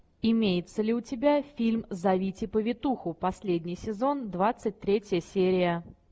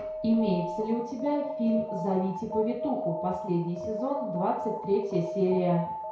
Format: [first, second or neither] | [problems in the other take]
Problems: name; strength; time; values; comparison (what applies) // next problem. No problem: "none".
first | background sound (Alarm); 6 dB below the speech // room echo; dies away in 0.6 s